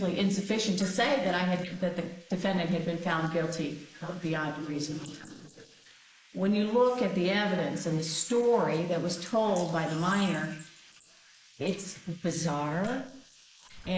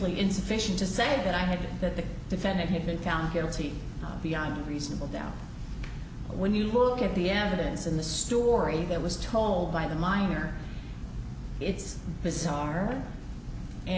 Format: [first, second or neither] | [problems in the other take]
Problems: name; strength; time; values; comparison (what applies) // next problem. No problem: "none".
second | noise reduction (neural mask model Resemble Enhance denoiser)